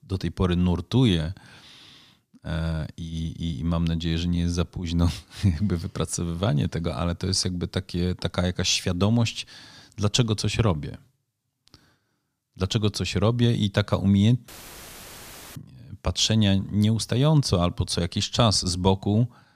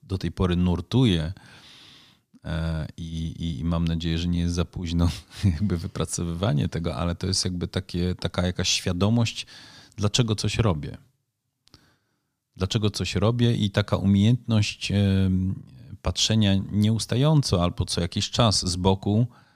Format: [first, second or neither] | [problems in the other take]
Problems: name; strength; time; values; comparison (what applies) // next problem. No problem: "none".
second | audio cutting out; filled with static; at 14 s for 1 s